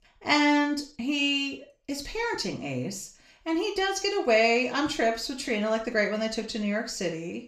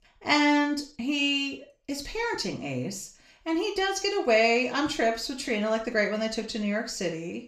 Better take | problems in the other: neither | room echo; slight; dies away in 0.4 s; the same in both // off-mic speech; somewhat distant; the same in both

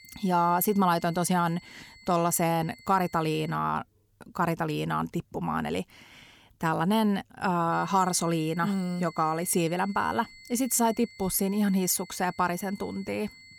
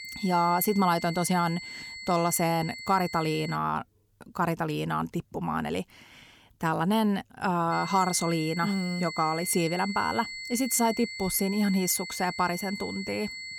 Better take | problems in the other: first | high-pitched whine; loud; until 3.5 s and from 7.5 s on; 2 kHz, 9 dB below the speech; faint in the first

